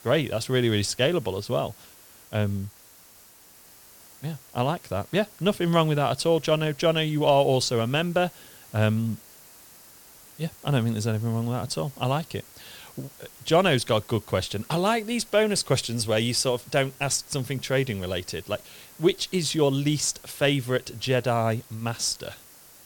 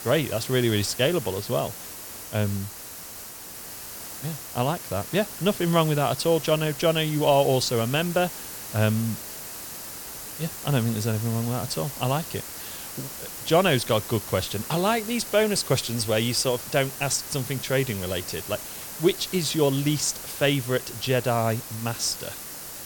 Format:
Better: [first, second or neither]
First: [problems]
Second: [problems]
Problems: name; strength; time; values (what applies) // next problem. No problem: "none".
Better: first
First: hiss; faint; throughout; 20 dB below the speech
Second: hiss; loud; throughout; 10 dB below the speech